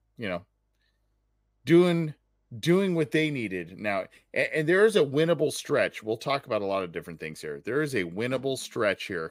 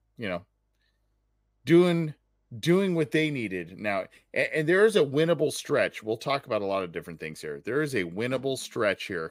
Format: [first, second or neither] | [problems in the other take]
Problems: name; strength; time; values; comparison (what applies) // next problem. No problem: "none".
neither | traffic noise; faint; throughout; 25 dB below the speech; the same in both